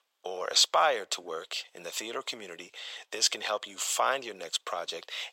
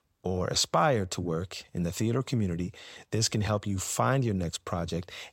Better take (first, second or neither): second